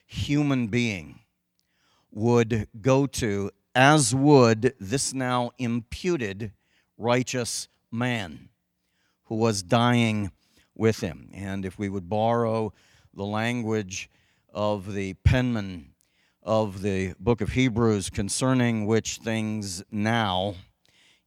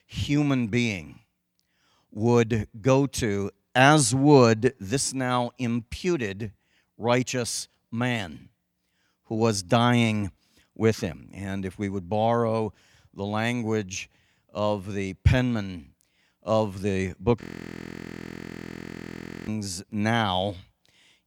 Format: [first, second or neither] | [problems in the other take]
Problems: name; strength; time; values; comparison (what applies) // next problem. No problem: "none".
first | audio freezing; at 17 s for 2 s